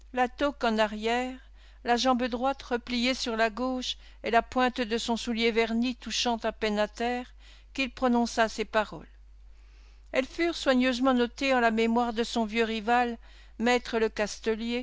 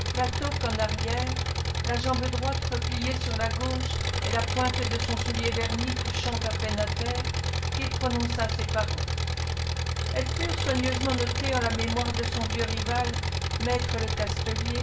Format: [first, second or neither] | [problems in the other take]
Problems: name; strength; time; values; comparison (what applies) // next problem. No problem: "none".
first | background sound (Engine); 4 dB above the speech // room echo; dies away in 0.3 s